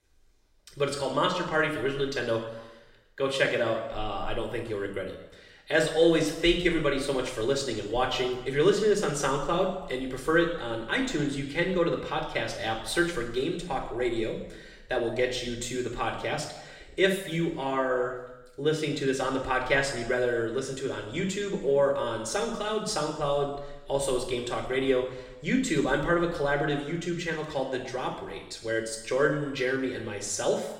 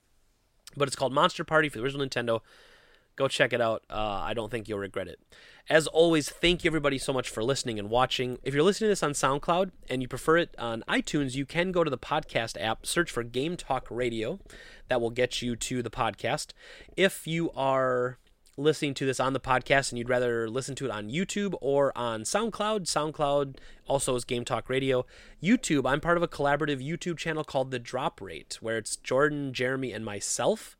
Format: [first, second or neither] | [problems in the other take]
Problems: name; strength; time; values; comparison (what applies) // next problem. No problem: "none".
second | room echo; noticeable; dies away in 0.9 s // off-mic speech; somewhat distant